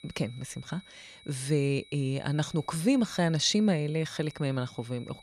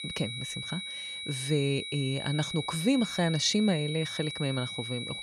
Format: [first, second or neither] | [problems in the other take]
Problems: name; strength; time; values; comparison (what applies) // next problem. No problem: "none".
first | high-pitched whine; loud; throughout; 4 kHz, 6 dB below the speech; faint in the first